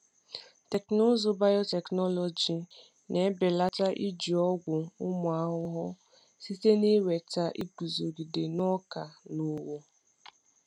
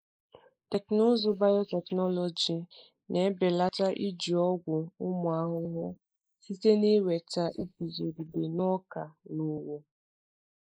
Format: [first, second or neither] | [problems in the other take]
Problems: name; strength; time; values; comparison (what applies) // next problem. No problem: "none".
first | noise reduction (neural mask model Resemble Enhance denoiser)